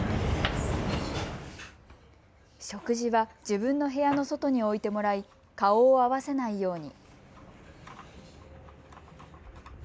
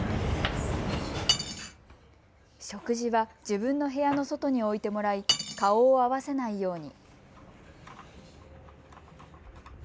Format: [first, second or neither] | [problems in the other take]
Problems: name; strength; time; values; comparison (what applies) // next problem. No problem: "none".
first | background sound (Cutlery, silverware); 6 dB below the speech